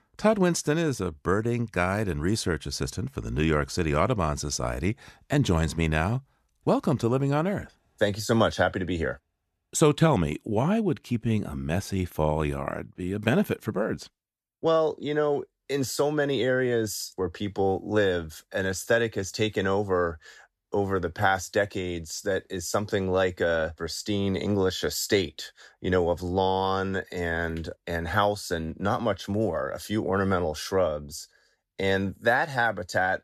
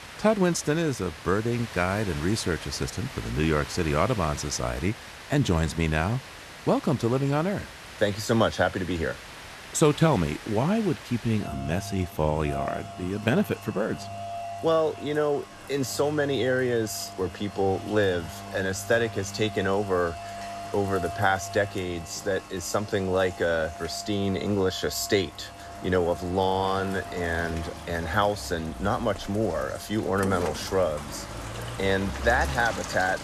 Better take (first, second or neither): first